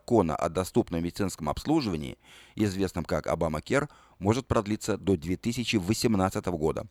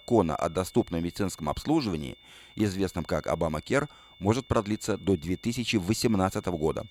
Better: first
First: none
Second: high-pitched whine; faint; throughout; 3.5 kHz, 25 dB below the speech

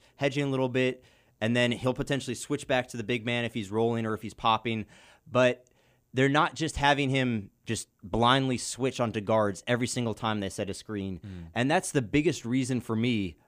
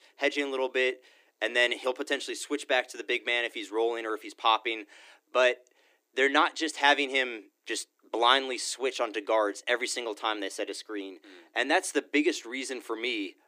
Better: first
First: none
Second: thin; somewhat; fading below 300 Hz

